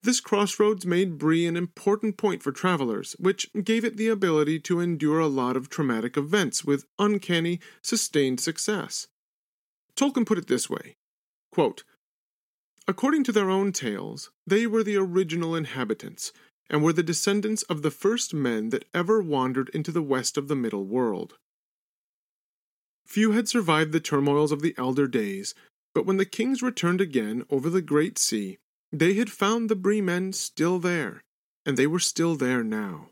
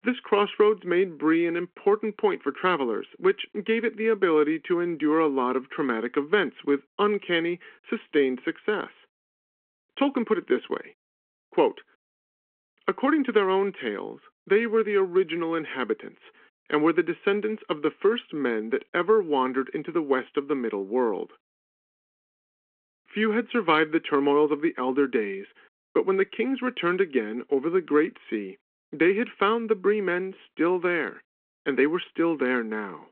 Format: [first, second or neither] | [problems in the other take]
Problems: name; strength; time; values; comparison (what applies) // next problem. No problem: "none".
first | phone-call audio